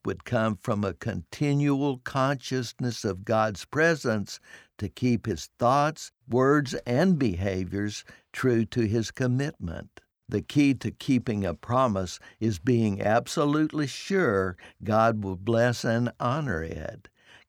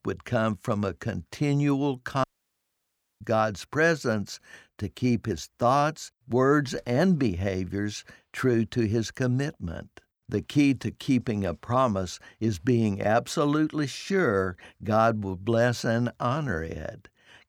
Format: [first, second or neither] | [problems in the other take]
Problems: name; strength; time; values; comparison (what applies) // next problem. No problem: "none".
first | audio cutting out; at 2 s for 1 s